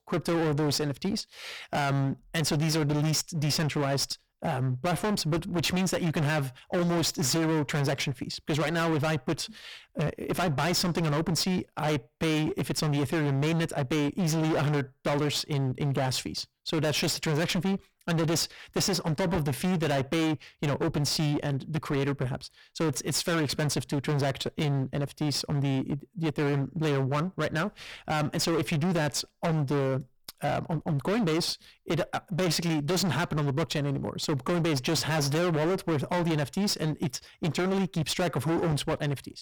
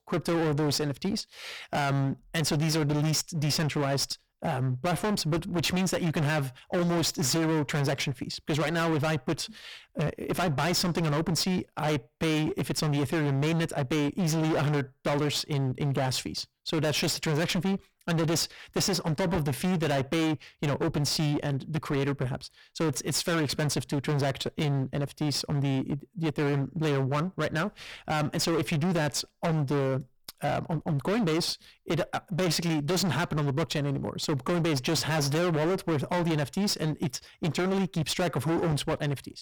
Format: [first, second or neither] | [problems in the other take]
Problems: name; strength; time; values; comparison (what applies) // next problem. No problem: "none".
neither | distortion; heavy; 32% of the sound clipped; the same in both